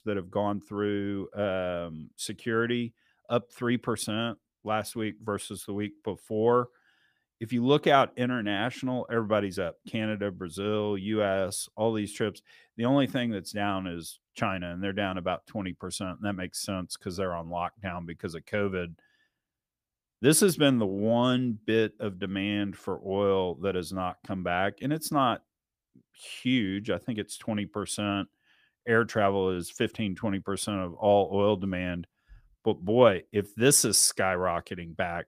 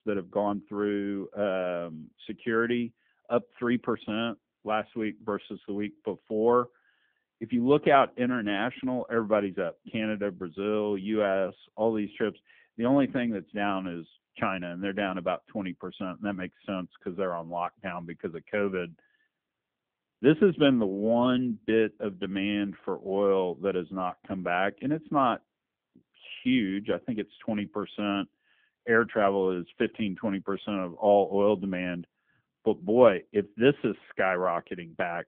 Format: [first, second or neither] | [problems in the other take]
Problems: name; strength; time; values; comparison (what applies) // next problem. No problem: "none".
first | phone-call audio; nothing above 3.5 kHz